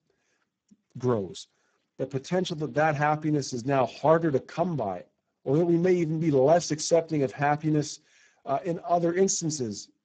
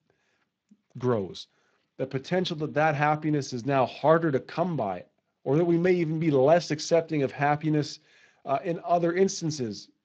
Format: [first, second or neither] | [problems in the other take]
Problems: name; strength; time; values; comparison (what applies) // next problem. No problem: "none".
second | garbled, watery; badly; nothing above 7.5 kHz; slightly in the second